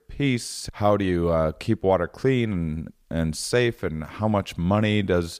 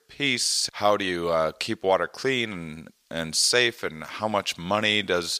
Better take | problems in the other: first | thin; somewhat; fading below 850 Hz

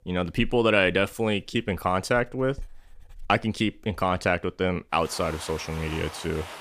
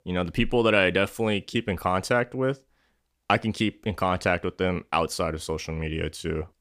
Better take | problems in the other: second | household noises; noticeable; throughout; 15 dB below the speech

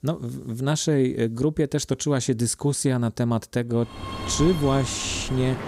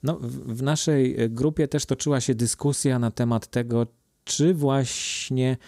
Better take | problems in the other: second | train or aircraft noise; loud; from 4 s on; 8 dB below the speech

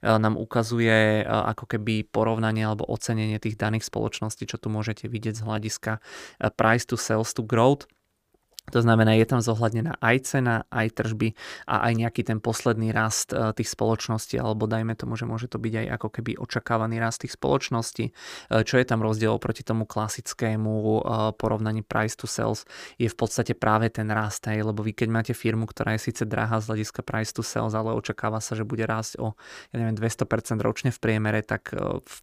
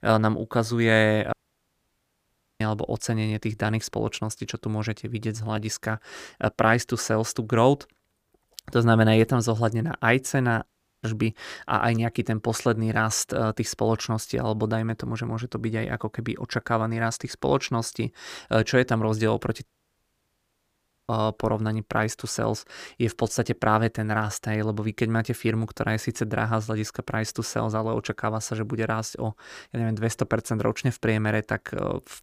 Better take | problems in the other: first | audio cutting out; at 1.5 s for 1.5 s, at 11 s and at 20 s for 1.5 s

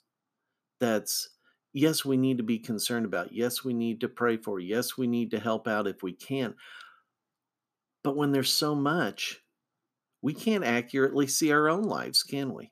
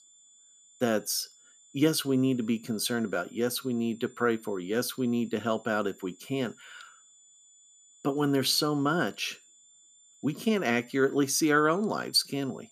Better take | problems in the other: first | high-pitched whine; faint; throughout; 7 kHz, 25 dB below the speech

